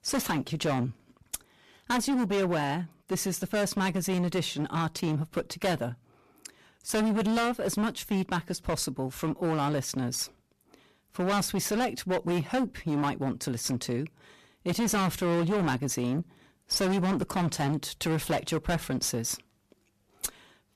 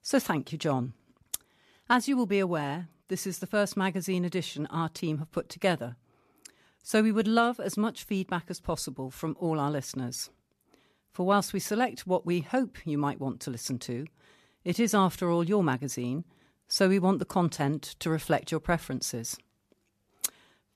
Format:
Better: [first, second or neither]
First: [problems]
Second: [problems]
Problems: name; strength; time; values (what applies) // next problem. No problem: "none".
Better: second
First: distortion; heavy; 17% of the sound clipped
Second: none